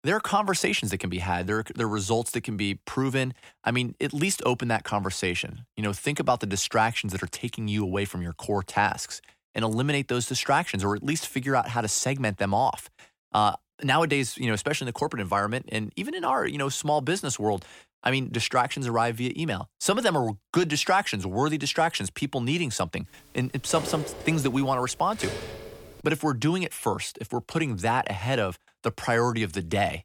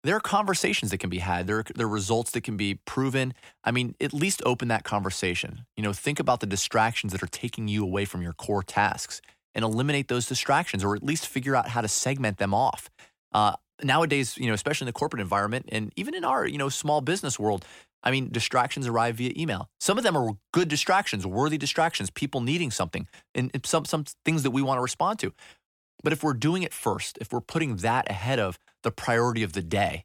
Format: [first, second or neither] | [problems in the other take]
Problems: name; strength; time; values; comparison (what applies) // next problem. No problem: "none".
second | clattering dishes; noticeable; from 24 to 26 s; peak 7 dB below the speech